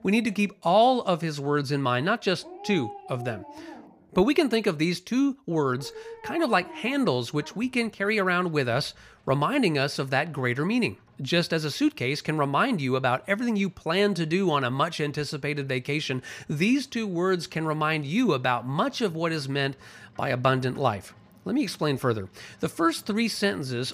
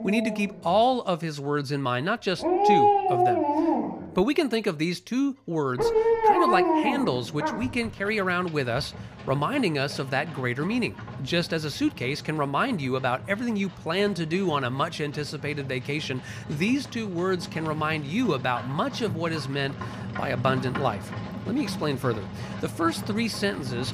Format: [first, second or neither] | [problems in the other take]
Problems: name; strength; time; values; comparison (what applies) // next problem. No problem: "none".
first | animal sounds; loud; throughout; as loud as the speech; faint in the first